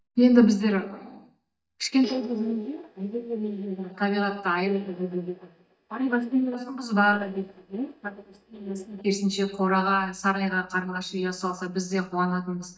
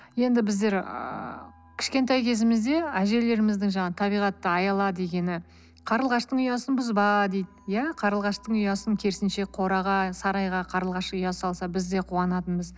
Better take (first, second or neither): second